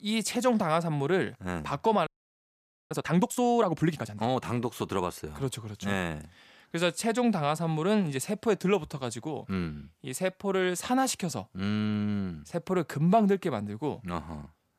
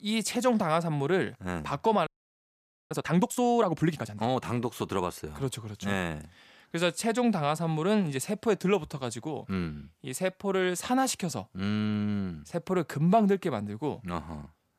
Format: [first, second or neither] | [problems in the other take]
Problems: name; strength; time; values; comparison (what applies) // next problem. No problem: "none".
neither | audio freezing; at 2 s for 1 s; the same in both